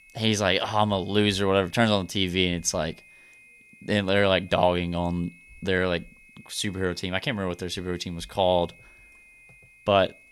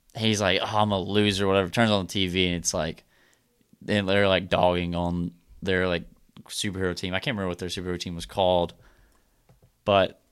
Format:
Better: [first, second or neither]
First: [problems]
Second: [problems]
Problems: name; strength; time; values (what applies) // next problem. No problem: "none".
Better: second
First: high-pitched whine; faint; throughout; 2.5 kHz, 25 dB below the speech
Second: none